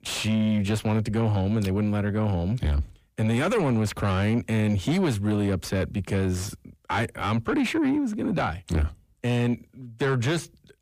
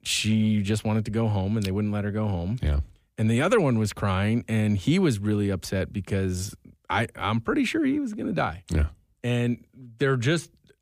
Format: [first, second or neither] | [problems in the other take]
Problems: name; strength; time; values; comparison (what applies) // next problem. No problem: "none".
second | distortion; slight; 10 dB below the speech